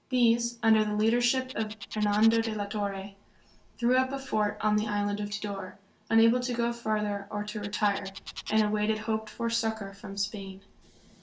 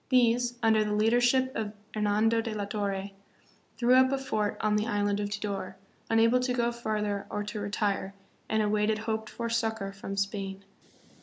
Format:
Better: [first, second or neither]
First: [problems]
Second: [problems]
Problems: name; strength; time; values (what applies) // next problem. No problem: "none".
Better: second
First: background sound (Bird); 18 dB below the speech // room echo; dies away in 0.2 s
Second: none